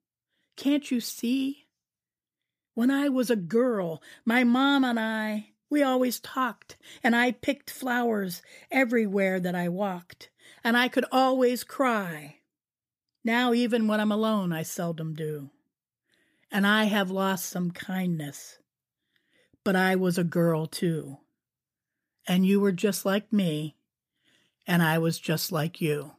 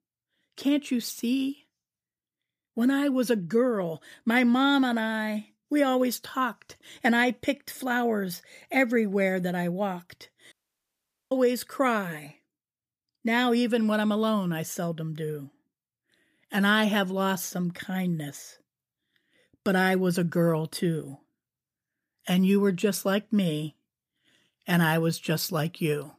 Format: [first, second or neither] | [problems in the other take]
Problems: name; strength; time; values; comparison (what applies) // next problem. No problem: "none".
first | audio cutting out; at 11 s for 1 s